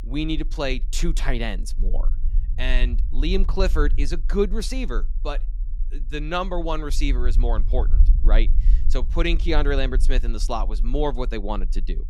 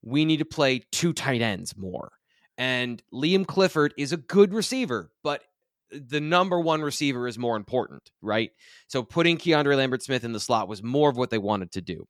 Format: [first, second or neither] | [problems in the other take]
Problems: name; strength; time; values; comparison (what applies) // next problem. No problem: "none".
second | low rumble; faint; throughout; 20 dB below the speech